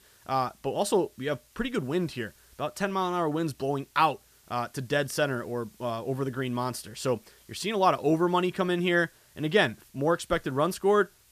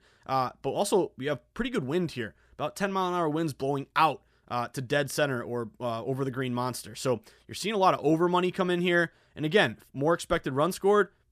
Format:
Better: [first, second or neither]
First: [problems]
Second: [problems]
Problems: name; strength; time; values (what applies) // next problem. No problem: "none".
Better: second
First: hiss; faint; throughout; 30 dB below the speech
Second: none